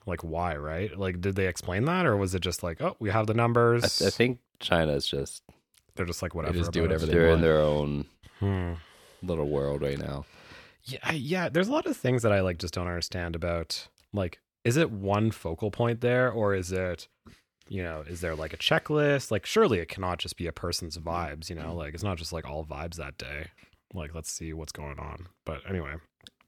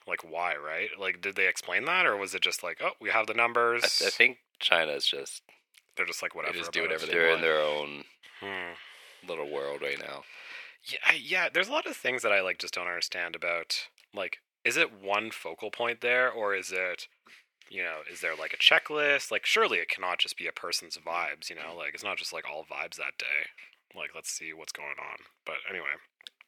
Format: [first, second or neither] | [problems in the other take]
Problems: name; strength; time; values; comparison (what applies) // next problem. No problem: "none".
first | thin; very; fading below 550 Hz